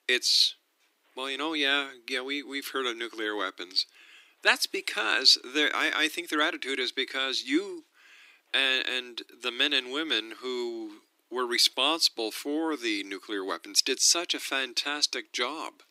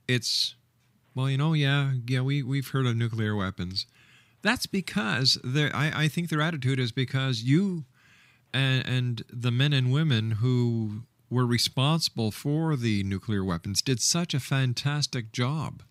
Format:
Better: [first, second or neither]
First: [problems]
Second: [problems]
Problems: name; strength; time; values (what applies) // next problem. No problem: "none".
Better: second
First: thin; very; fading below 300 Hz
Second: none